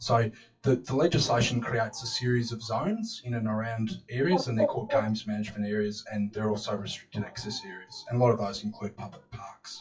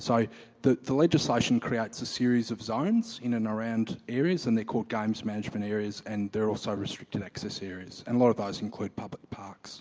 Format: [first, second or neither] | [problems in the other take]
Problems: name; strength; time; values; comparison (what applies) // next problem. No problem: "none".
second | noise reduction (classical method WPE with log-MMSE)